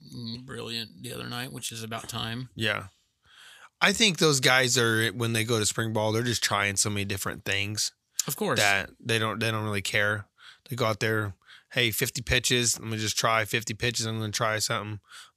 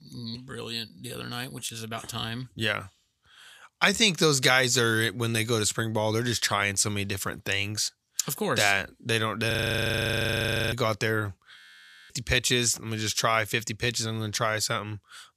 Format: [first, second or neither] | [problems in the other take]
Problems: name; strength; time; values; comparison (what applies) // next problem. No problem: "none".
first | audio freezing; at 9.5 s for 1 s and at 12 s for 0.5 s